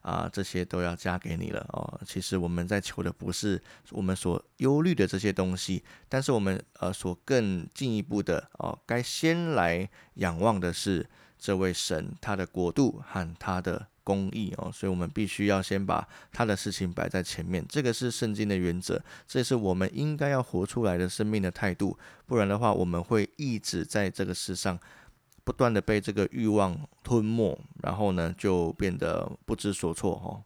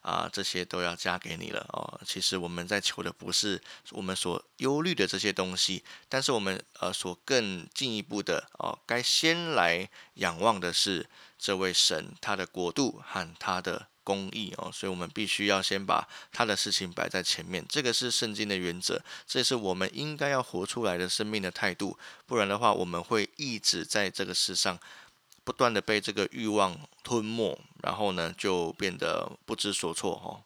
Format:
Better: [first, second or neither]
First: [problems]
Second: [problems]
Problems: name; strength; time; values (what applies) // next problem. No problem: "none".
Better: first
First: none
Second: thin; somewhat; fading below 850 Hz